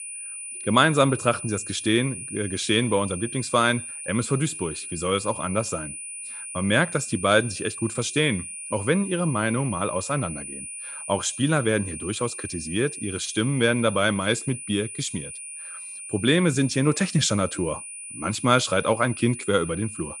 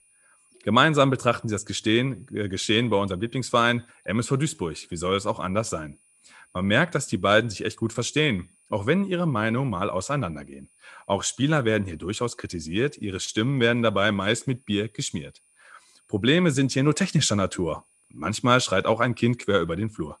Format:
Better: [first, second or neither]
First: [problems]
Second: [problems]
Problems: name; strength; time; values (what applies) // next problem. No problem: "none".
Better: second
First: high-pitched whine; loud; throughout; 9.5 kHz, 9 dB below the speech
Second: high-pitched whine; faint; throughout; 9.5 kHz, 35 dB below the speech